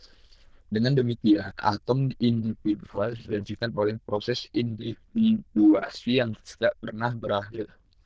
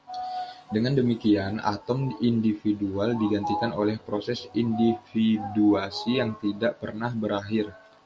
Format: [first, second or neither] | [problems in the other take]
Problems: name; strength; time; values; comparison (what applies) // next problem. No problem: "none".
second | noise reduction (neural diffusion model UNIVERSE++)